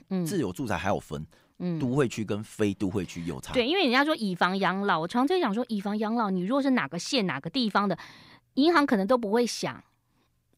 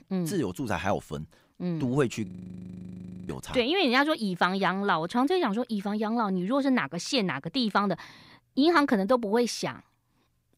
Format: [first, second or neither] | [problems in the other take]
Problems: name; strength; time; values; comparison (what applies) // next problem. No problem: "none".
first | audio freezing; at 2.5 s for 1 s